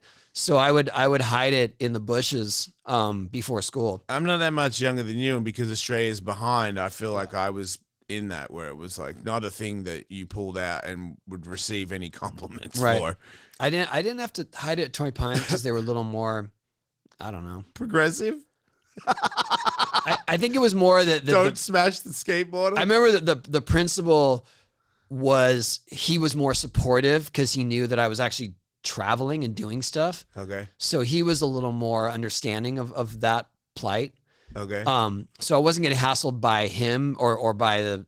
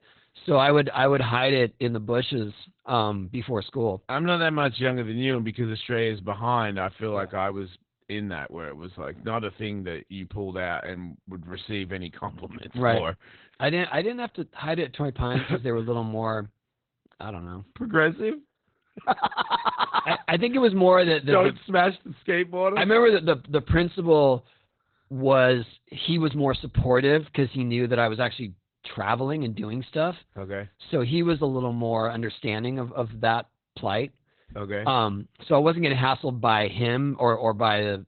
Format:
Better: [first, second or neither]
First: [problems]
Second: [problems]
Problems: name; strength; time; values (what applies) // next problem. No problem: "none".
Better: first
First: garbled, watery; slightly; nothing above 15.5 kHz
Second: garbled, watery; badly; nothing above 4 kHz